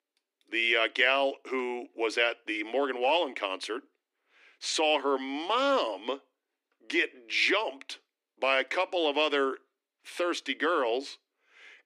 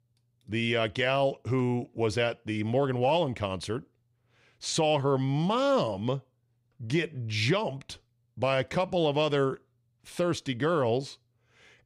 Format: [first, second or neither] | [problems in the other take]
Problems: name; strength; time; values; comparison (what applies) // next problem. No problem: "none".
second | thin; somewhat; fading below 250 Hz